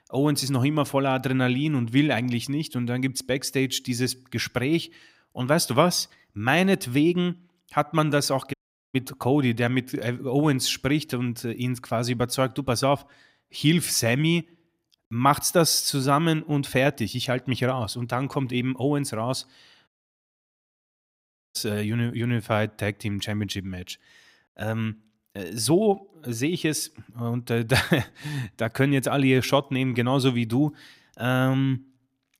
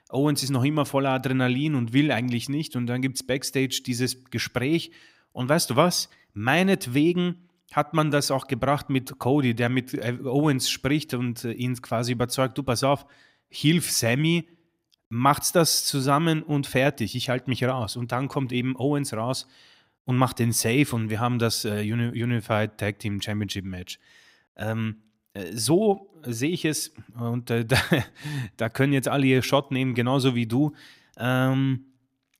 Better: second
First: audio cutting out; at 8.5 s and at 20 s for 1.5 s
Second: none

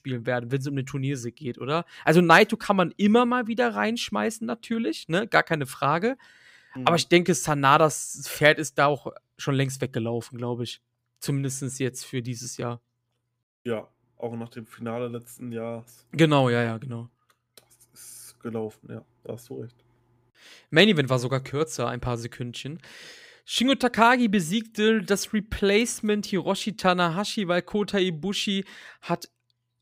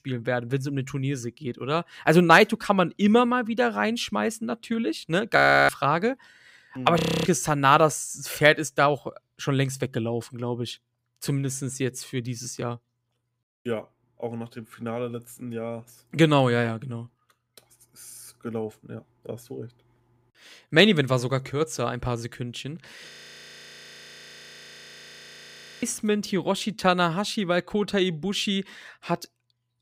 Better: first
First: none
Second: audio freezing; at 5.5 s, at 7 s and at 23 s for 2.5 s

